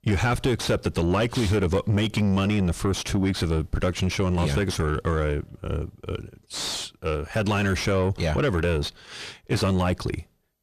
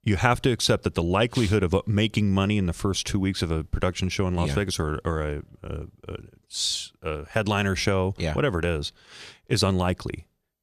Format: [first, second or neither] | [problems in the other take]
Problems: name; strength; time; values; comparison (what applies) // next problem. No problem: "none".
second | distortion; heavy; 7 dB below the speech